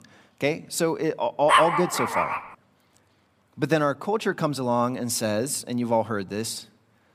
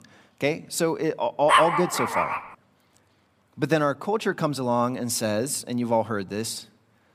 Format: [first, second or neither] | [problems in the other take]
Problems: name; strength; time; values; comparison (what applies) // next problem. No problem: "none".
neither | dog barking; loud; at 1.5 s; peak 6 dB above the speech; the same in both